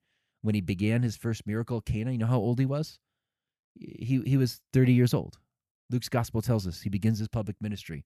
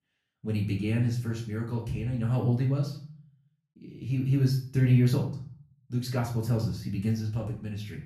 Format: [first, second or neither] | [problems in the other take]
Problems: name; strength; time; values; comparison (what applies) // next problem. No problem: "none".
first | room echo; slight; dies away in 0.4 s // off-mic speech; far